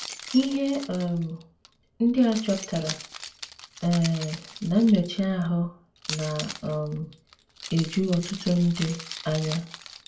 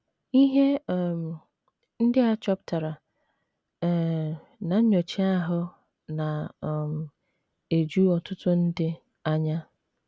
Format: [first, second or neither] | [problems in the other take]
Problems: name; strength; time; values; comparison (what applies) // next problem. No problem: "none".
second | background sound (Keys jangling); 14 dB below the speech // room echo; dies away in 0.3 s